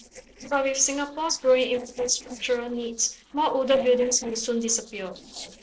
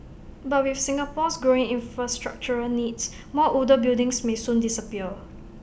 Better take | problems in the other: second | noise reduction (neural separator model SepFormer DNS4)

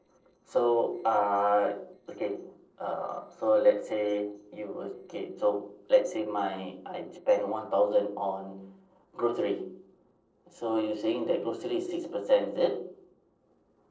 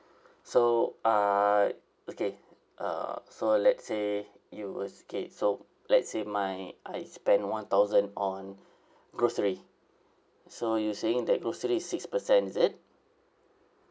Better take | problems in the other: second | noise reduction (neural separator model SepFormer DNS4)

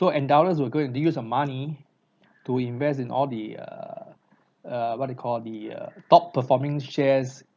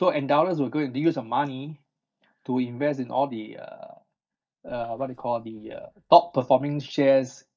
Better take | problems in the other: first | noise reduction (neural mask model DeepFilterNet 3)

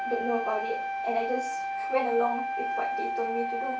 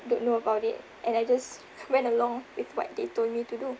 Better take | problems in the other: second | background sound (Wind instrument, woodwind instrument); as loud as the speech // room echo; dies away in 0.3 s

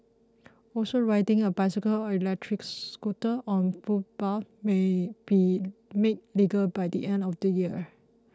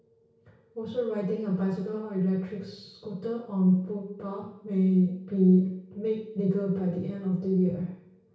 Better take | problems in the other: first | room echo; dies away in 0.6 s

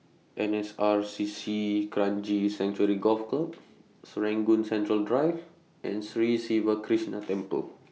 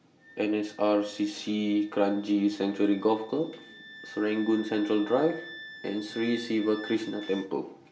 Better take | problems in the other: first | background sound (Wind instrument, woodwind instrument); 19 dB below the speech // room echo; dies away in 0.6 s

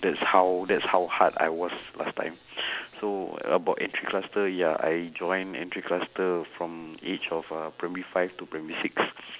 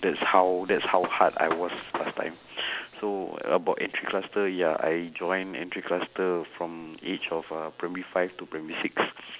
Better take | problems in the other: first | background sound (Gunshot, gunfire); 9 dB below the speech

